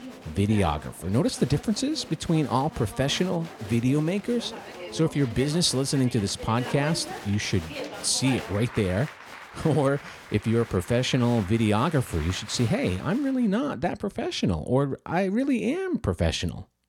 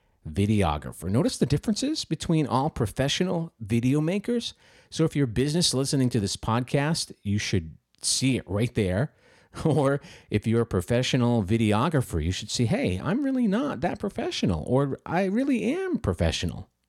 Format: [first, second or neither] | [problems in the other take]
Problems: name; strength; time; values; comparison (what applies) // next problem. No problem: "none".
second | crowd noise; noticeable; until 13 s; 15 dB below the speech